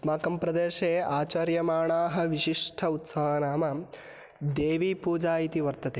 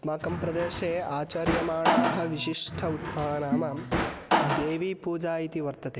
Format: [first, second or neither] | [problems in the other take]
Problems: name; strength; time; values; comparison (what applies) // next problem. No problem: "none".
first | background sound (Organ + Drawer open or close); 1 dB above the speech